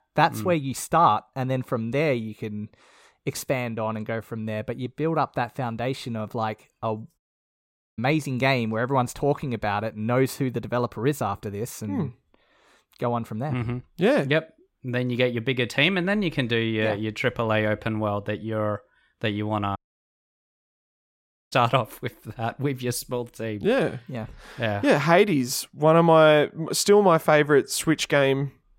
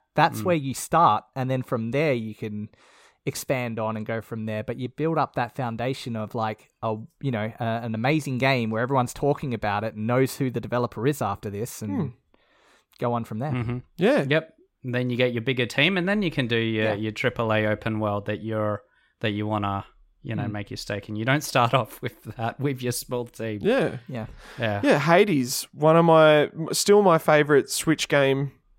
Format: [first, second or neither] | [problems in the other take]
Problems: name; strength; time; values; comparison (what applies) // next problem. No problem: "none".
second | audio cutting out; at 7 s for 1 s and at 20 s for 2 s